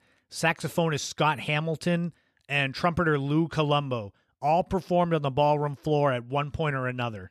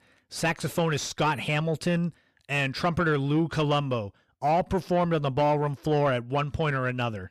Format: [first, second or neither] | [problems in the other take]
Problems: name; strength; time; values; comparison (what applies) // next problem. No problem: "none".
first | distortion; slight; 10 dB below the speech